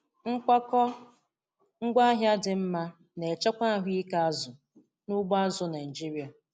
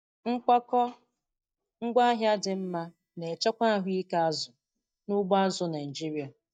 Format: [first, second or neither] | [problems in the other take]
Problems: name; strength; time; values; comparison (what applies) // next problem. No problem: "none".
first | noise reduction (neural mask model DeepFilterNet 3)